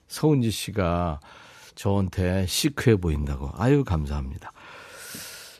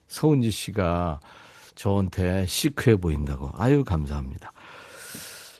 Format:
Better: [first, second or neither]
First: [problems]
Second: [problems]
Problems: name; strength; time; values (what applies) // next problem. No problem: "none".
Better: first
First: none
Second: garbled, watery; slightly; nothing above 14 kHz